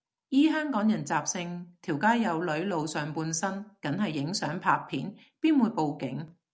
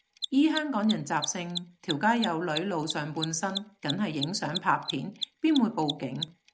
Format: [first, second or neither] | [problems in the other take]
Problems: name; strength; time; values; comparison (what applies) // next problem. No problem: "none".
first | background sound (Mechanisms); 10 dB below the speech